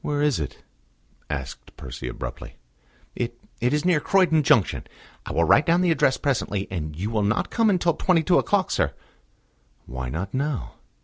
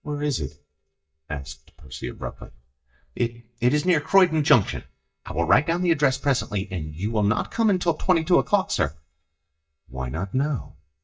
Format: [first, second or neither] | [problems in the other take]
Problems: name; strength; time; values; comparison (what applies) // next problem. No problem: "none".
first | noise reduction (neural mask model DeepFilterNet 3)